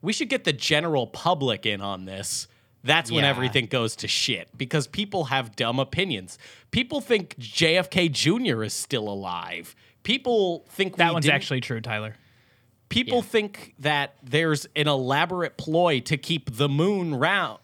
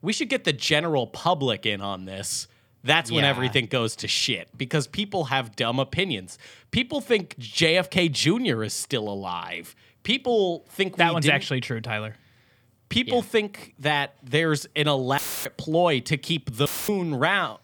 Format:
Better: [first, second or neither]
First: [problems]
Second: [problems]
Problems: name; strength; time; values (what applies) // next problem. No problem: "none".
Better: first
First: none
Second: audio cutting out; filled with static; at 15 s and at 17 s